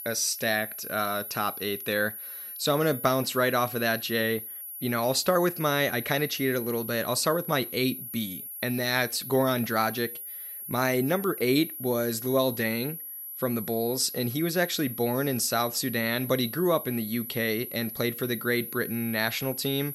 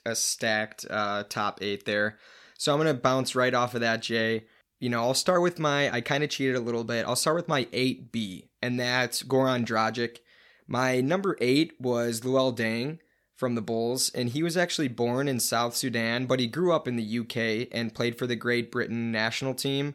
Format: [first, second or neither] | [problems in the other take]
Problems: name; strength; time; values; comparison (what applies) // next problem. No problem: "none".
second | high-pitched whine; loud; throughout; 11.5 kHz, 8 dB below the speech